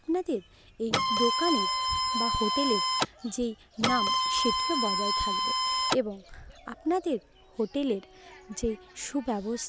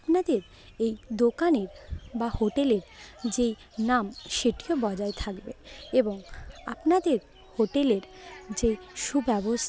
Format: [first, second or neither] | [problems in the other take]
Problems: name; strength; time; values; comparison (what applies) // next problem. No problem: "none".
second | background sound (Printer); 5 dB above the speech